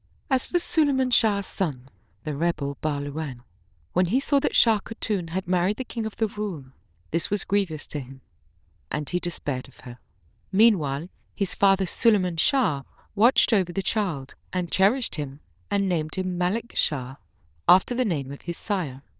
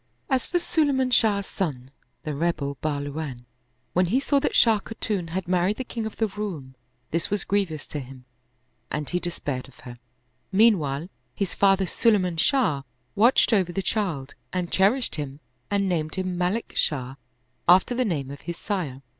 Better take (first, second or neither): second